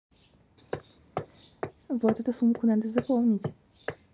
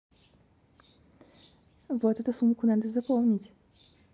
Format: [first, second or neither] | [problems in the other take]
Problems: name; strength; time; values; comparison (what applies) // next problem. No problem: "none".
second | background sound (Hammer); 10 dB below the speech